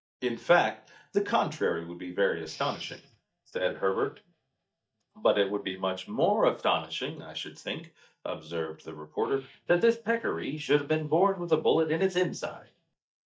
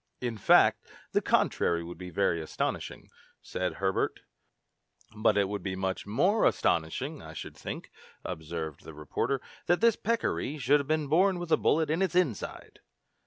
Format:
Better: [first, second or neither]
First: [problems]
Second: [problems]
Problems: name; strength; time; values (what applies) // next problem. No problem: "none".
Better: second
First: noise reduction (neural mask model DeepFilterNet 3)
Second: none